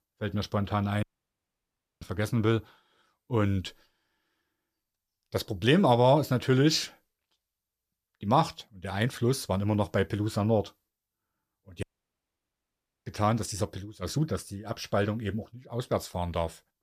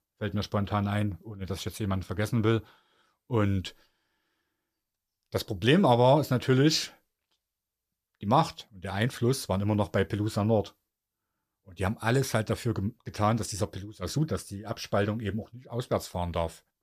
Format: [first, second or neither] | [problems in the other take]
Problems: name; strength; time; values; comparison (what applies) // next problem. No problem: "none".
second | audio cutting out; at 1 s for 1 s and at 12 s for 1 s